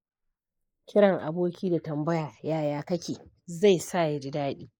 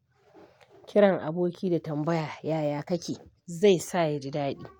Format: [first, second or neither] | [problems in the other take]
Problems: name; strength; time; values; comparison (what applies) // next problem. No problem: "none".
second | noise reduction (neural mask model Resemble Enhance denoiser)